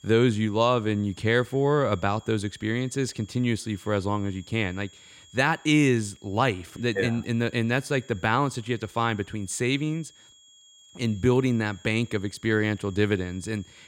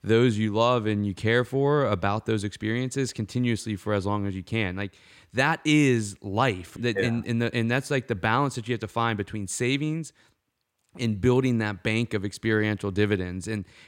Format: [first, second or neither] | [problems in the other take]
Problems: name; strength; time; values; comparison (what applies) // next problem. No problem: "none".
second | high-pitched whine; faint; throughout; 3.5 kHz, 25 dB below the speech